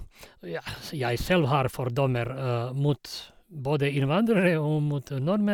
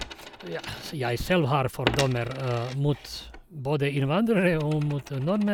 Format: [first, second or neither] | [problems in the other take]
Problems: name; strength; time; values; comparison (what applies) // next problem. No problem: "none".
first | background sound (Coin (dropping)); 12 dB below the speech